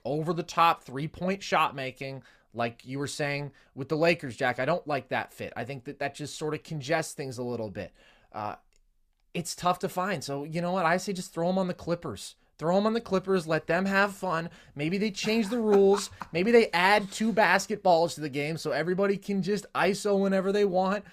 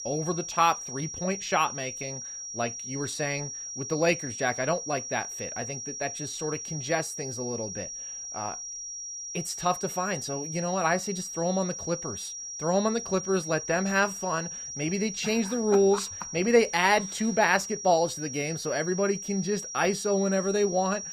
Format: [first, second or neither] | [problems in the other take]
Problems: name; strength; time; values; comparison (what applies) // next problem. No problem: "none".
first | high-pitched whine; loud; throughout; 5.5 kHz, 7 dB below the speech